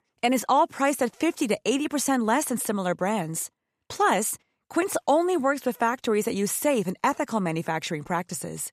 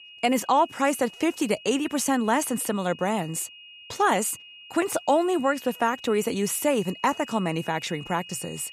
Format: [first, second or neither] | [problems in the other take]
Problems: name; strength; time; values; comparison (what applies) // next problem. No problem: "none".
first | high-pitched whine; noticeable; throughout; 3 kHz, 20 dB below the speech